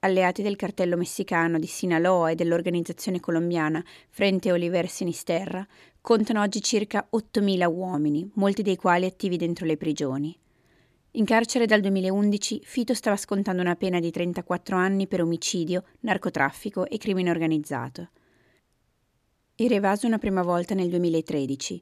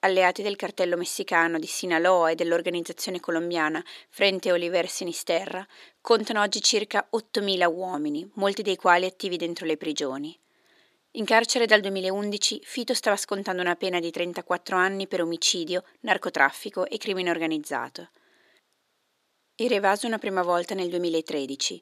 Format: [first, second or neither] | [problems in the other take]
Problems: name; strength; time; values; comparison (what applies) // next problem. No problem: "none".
first | thin; somewhat; fading below 400 Hz